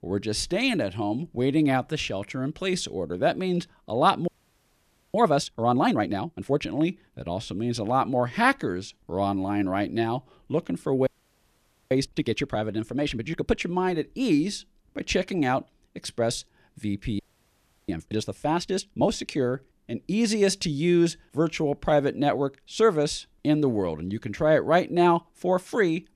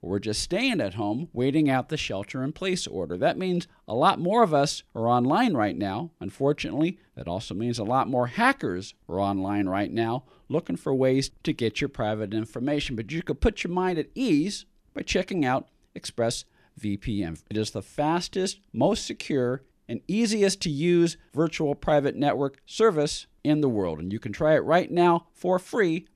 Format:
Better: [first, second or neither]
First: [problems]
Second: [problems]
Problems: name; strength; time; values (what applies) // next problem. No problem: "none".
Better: second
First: audio freezing; at 4.5 s for 1 s, at 11 s for 1 s and at 17 s for 0.5 s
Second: none